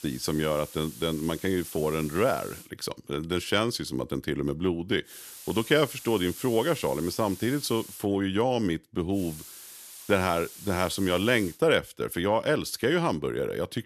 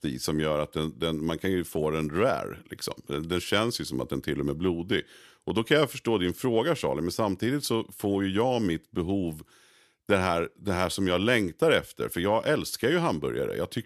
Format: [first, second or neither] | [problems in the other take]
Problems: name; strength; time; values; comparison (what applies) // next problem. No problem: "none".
second | hiss; noticeable; until 2.5 s, from 5 to 8 s and from 9 to 12 s; 15 dB below the speech